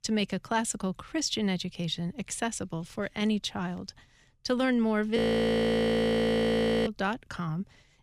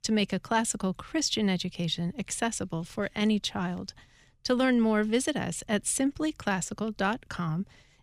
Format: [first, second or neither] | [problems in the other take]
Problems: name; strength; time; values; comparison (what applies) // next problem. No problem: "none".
second | audio freezing; at 5 s for 1.5 s